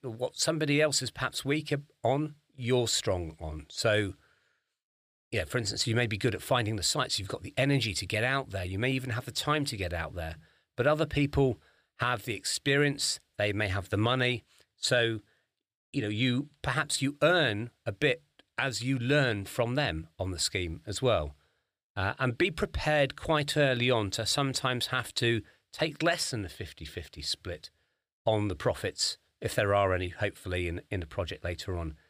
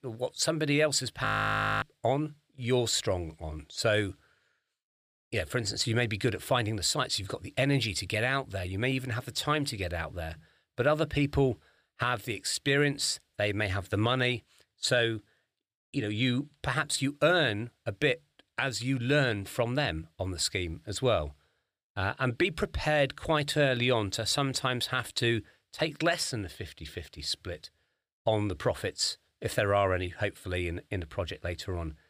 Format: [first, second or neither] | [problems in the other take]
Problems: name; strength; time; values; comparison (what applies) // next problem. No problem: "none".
first | audio freezing; at 1.5 s for 0.5 s